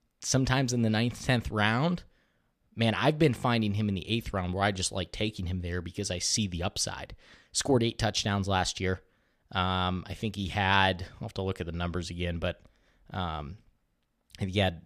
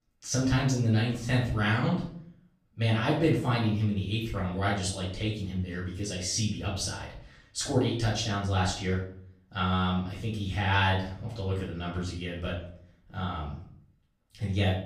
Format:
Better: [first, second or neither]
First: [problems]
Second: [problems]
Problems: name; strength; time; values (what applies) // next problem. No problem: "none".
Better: first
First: none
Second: off-mic speech; far // room echo; noticeable; dies away in 0.5 s